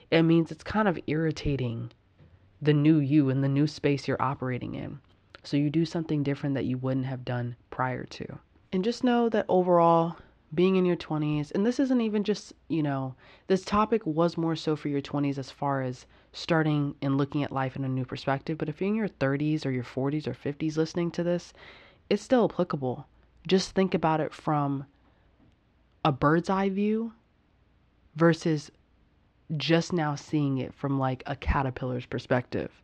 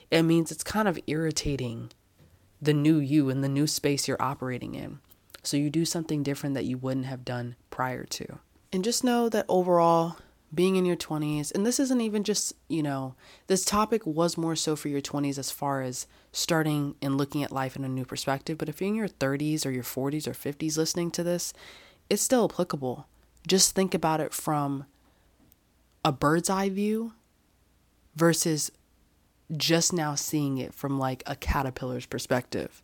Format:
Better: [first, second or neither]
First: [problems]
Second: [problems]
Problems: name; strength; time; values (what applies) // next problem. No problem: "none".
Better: second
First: muffled; slightly; fading above 3.5 kHz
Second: none